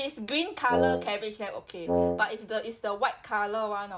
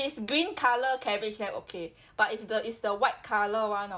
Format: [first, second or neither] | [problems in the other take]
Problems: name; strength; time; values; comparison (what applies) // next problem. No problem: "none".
second | background sound (Wind instrument, woodwind instrument); 3 dB above the speech